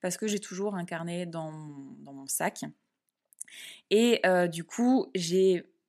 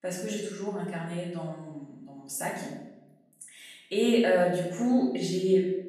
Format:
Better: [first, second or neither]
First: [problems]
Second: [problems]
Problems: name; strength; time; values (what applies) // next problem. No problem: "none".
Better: first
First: none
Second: off-mic speech; far // room echo; noticeable; dies away in 0.8 s